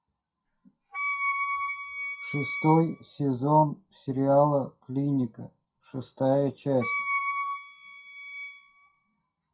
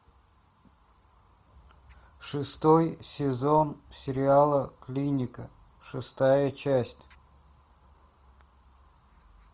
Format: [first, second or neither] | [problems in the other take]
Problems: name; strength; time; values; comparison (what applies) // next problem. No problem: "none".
second | noise reduction (classical method WPE with log-MMSE)